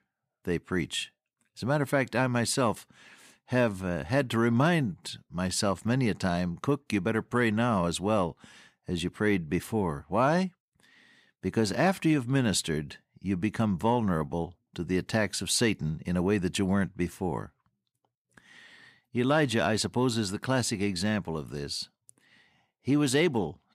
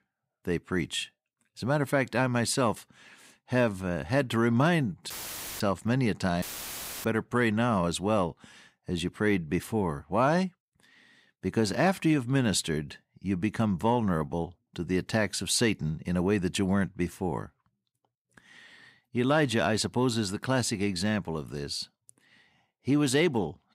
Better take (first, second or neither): first